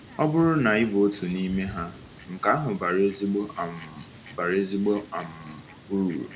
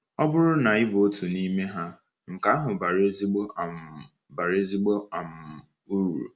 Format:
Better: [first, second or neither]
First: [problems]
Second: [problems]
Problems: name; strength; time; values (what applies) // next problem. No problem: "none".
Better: second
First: background sound (Fowl); 19 dB below the speech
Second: none